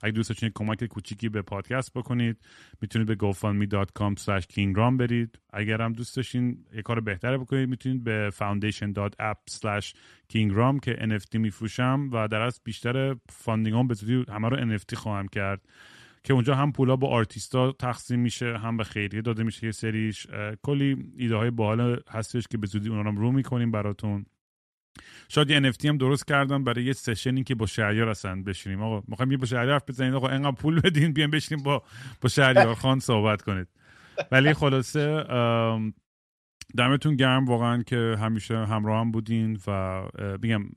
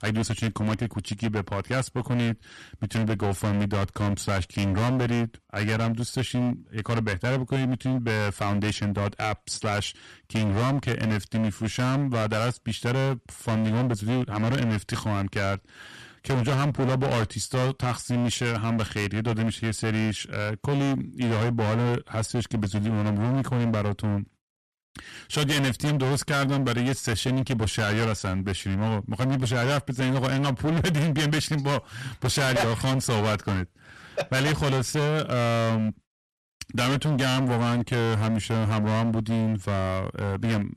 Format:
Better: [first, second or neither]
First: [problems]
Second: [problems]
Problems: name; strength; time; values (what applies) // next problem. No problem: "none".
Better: first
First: none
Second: distortion; heavy; 26% of the sound clipped